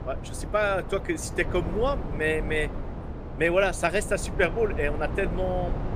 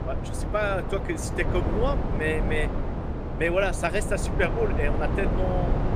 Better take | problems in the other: first | wind noise on the microphone; heavy; 6 dB below the speech; occasional gusts in the first

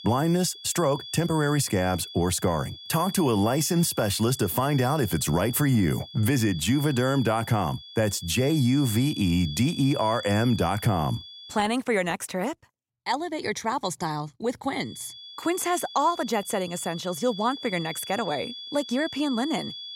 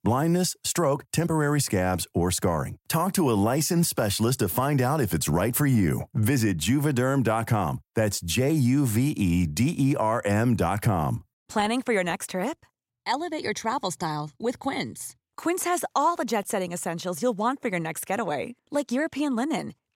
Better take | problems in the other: second | high-pitched whine; noticeable; until 12 s and from 15 s on; 3.5 kHz, 15 dB below the speech

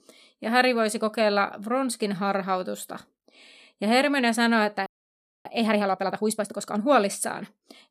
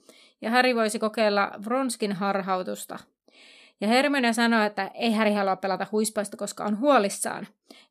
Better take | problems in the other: second | audio freezing; at 5 s for 0.5 s

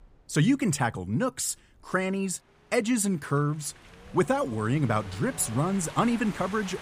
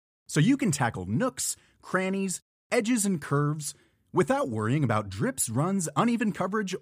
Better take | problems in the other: second | wind in the background; noticeable; throughout; 15 dB below the speech

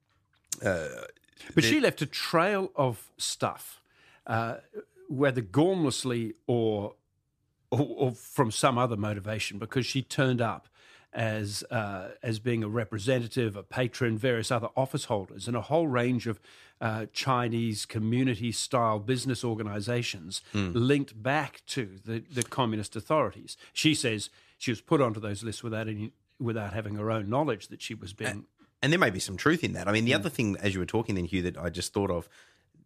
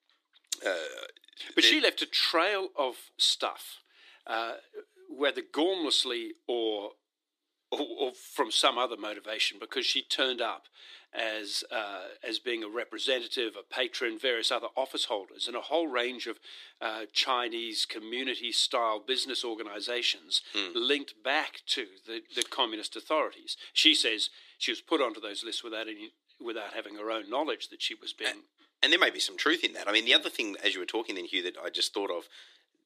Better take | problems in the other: first | thin; somewhat; fading below 300 Hz

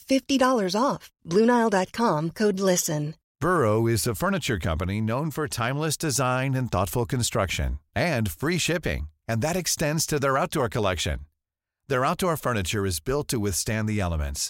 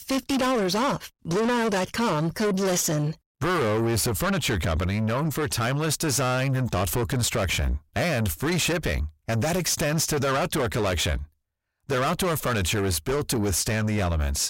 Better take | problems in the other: first | distortion; heavy; 6 dB below the speech

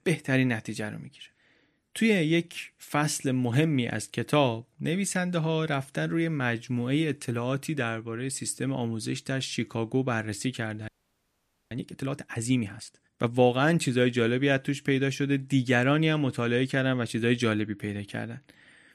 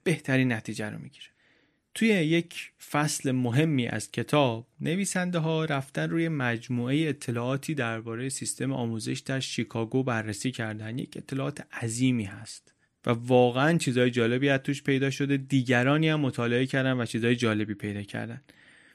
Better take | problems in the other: second | audio freezing; at 11 s for 1 s

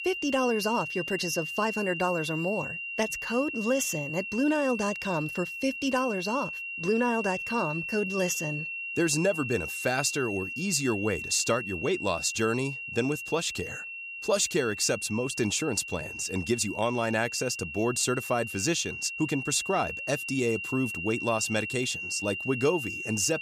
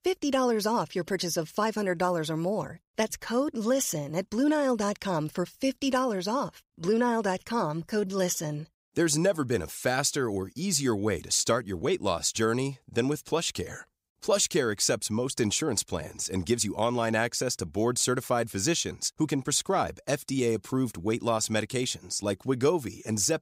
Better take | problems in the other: second | high-pitched whine; loud; throughout; 2.5 kHz, 5 dB below the speech

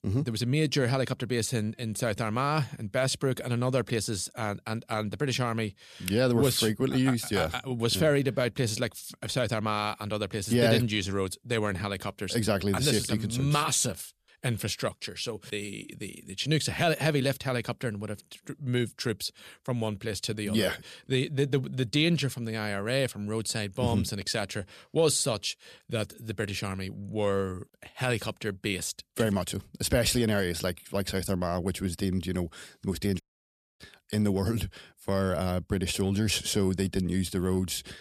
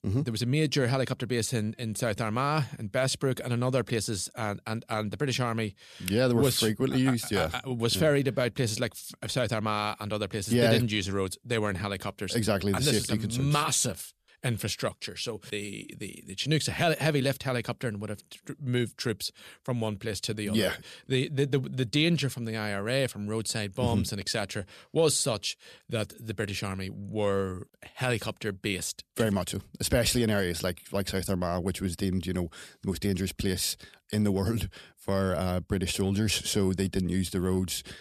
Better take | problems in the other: second | audio cutting out; at 33 s for 0.5 s

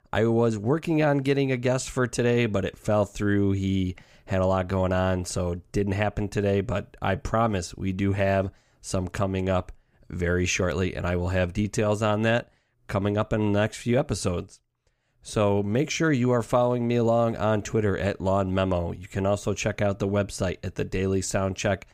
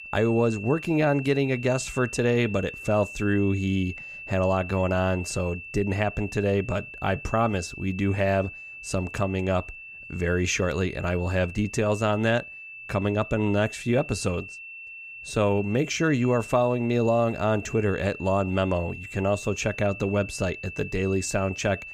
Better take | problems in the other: first | high-pitched whine; noticeable; throughout; 2.5 kHz, 10 dB below the speech

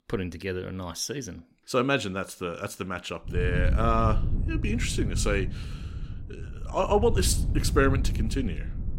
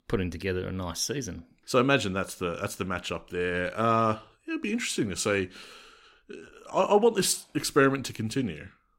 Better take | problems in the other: second | wind noise on the microphone; occasional gusts; from 3.5 s on; 15 dB below the speech

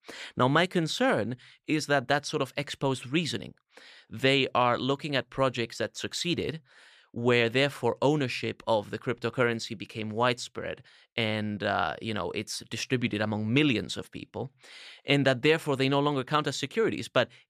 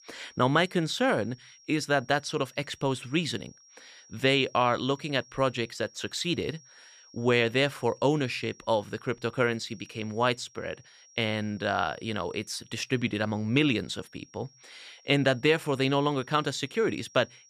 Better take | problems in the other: first | high-pitched whine; faint; throughout; 5.5 kHz, 25 dB below the speech

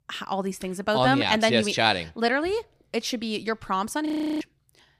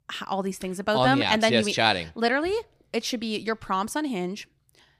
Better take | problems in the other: second | audio freezing; at 4 s

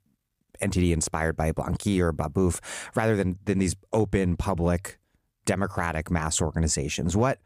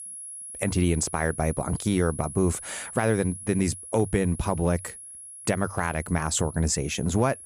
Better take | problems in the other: first | high-pitched whine; noticeable; throughout; 10.5 kHz, 10 dB below the speech

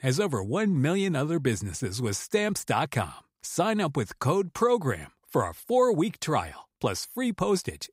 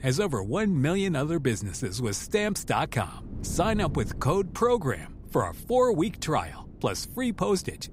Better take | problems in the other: first | wind noise on the microphone; occasional gusts; 25 dB below the speech

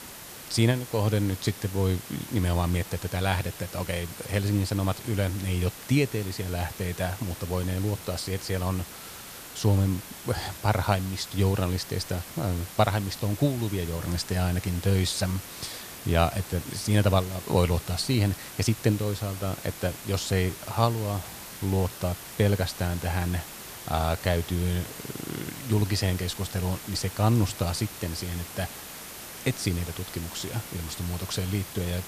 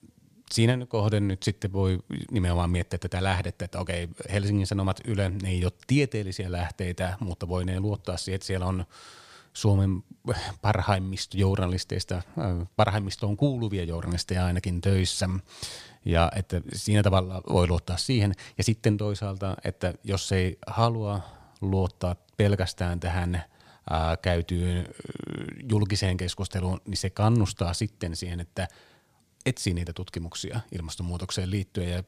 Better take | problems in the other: second | hiss; noticeable; throughout; 10 dB below the speech

